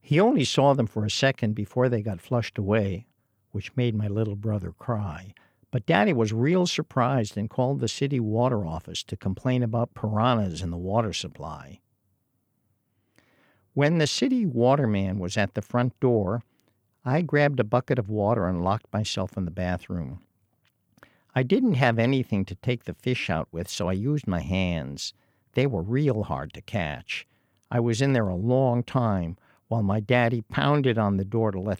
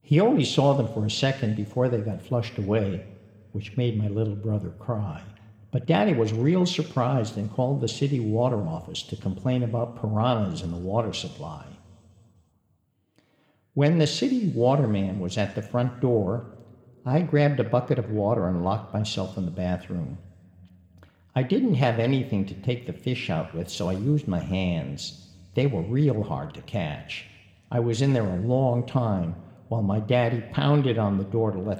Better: first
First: none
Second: room echo; slight; dies away in 2.1 s

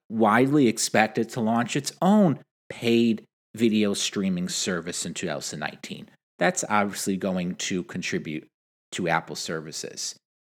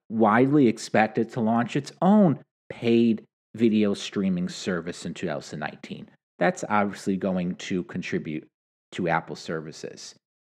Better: first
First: none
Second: muffled; slightly; fading above 1.5 kHz

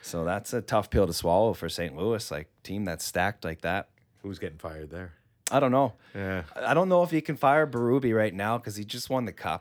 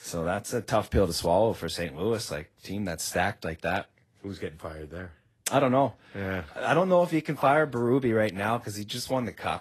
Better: first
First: none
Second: garbled, watery; slightly; nothing above 13.5 kHz

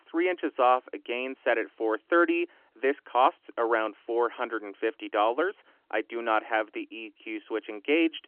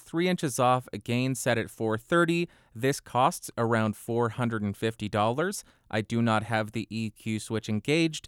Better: second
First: phone-call audio; nothing above 3 kHz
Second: none

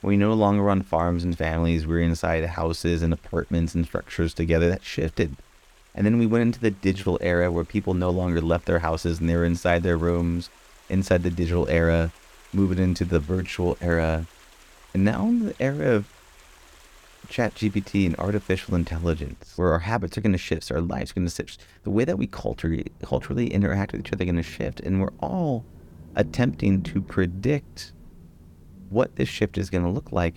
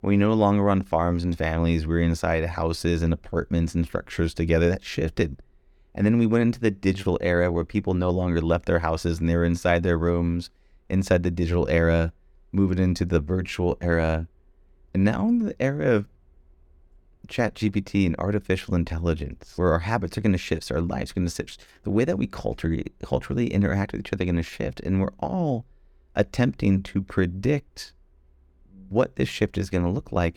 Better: second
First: rain or running water; faint; throughout; 25 dB below the speech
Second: none

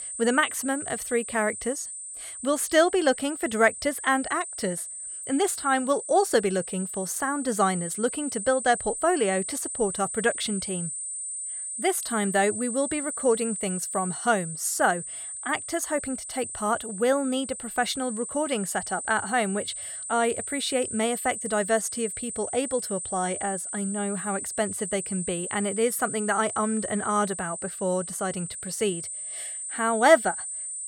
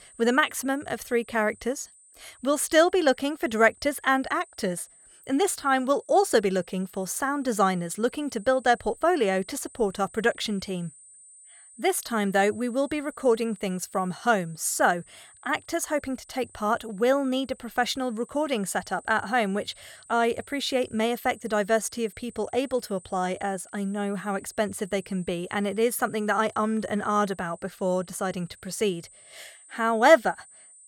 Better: second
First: high-pitched whine; loud; throughout; 8.5 kHz, 6 dB below the speech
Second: high-pitched whine; faint; throughout; 8.5 kHz, 25 dB below the speech

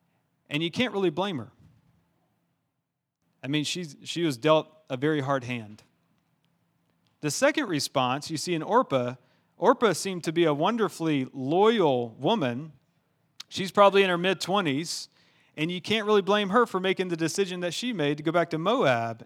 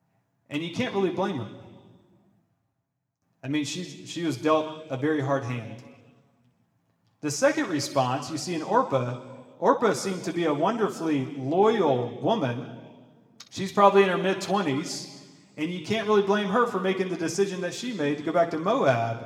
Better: first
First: none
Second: room echo; slight; dies away in 1.3 s

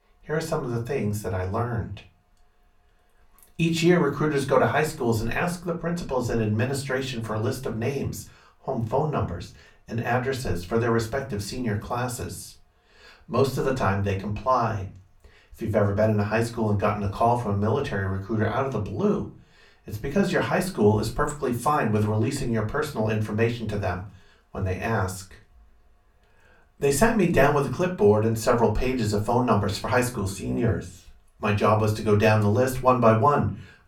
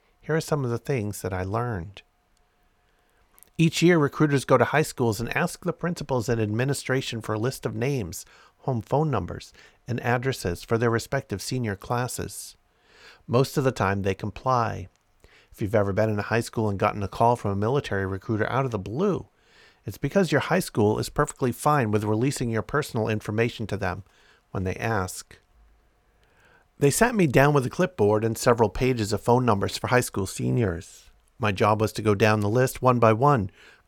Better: second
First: off-mic speech; far // room echo; very slight; dies away in 0.3 s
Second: none

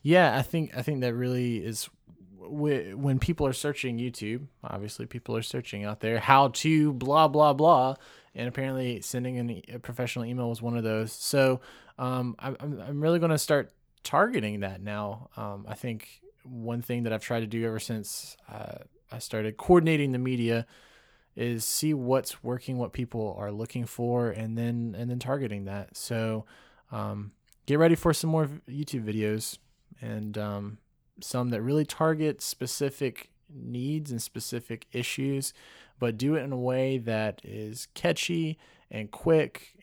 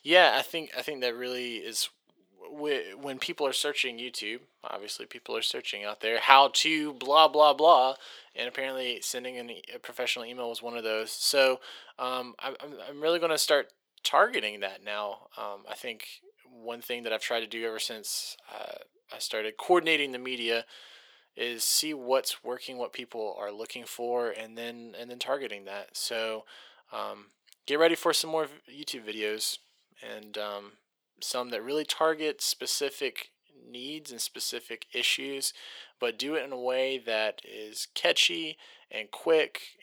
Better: first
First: none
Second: thin; very; fading below 400 Hz

